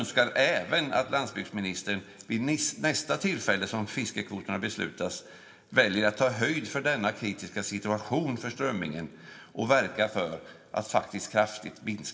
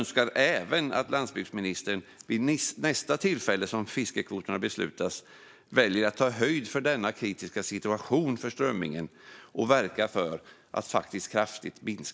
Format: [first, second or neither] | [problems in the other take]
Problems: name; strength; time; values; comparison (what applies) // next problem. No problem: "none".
second | room echo; dies away in 1.3 s